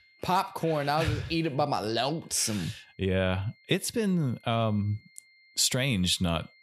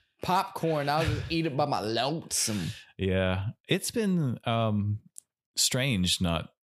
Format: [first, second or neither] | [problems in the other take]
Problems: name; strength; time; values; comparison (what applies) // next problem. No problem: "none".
second | high-pitched whine; faint; throughout; 2 kHz, 30 dB below the speech